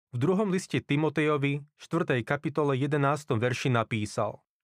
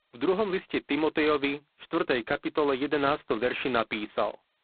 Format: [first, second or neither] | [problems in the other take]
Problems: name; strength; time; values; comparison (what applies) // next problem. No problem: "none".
first | phone-call audio; poor line; nothing above 4 kHz